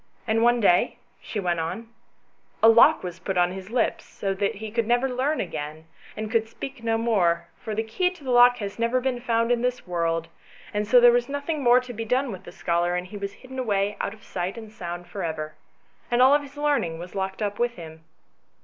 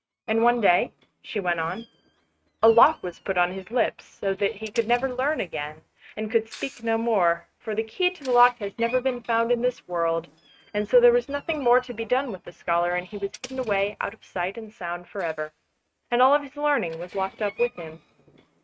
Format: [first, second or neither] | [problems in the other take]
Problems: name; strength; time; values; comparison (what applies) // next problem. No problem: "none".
first | noise reduction (neural mask model RNNoise)